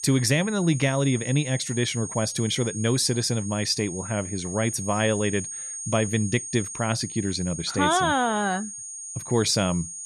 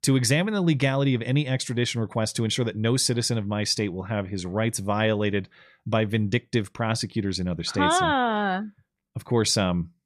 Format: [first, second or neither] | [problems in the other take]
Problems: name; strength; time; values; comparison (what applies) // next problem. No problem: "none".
second | high-pitched whine; loud; throughout; 6.5 kHz, 9 dB below the speech